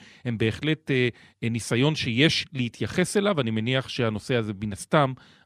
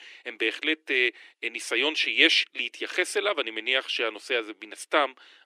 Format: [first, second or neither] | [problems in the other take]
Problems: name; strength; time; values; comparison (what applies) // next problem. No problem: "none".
first | thin; very; fading below 300 Hz